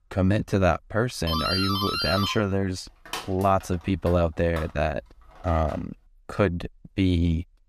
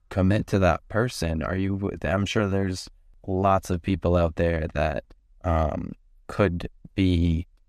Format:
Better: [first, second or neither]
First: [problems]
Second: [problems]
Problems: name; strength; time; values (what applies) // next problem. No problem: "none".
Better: second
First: doorbell; loud; from 1.5 to 6 s; peak level with the speech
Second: none